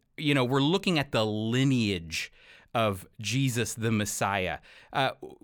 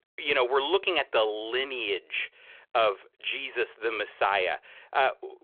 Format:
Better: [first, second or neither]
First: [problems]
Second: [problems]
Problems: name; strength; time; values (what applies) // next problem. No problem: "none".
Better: first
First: none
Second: phone-call audio; nothing above 3.5 kHz